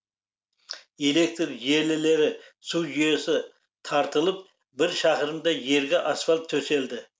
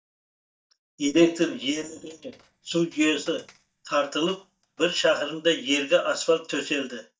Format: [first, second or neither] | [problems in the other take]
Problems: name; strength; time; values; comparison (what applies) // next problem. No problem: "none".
first | noise reduction (neural mask model DeepFilterNet 3)